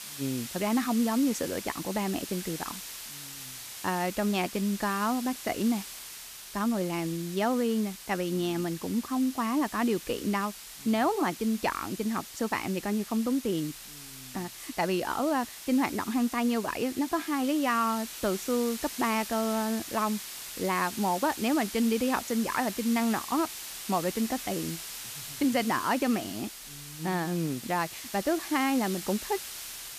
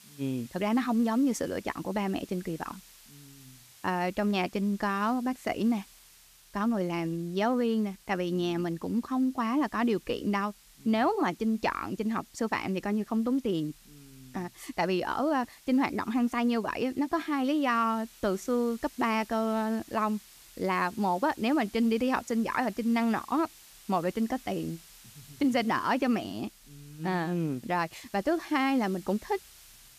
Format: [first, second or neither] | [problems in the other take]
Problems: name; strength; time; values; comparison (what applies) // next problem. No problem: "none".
second | hiss; loud; throughout; 10 dB below the speech; faint in the second